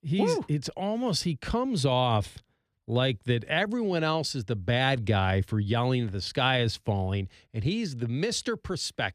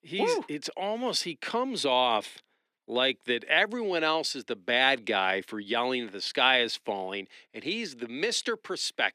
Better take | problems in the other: first | thin; somewhat; fading below 250 Hz

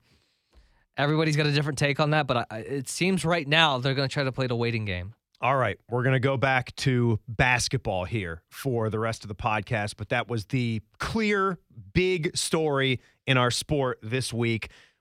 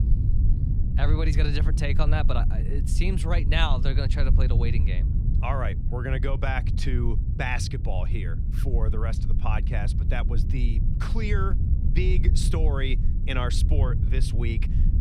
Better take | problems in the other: first | low rumble; loud; throughout; 9 dB below the speech

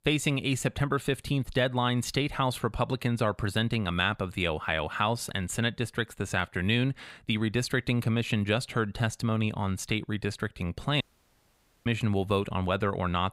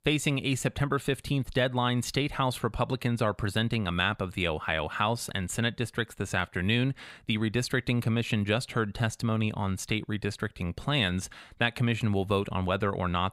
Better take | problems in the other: second | audio cutting out; at 11 s for 1 s

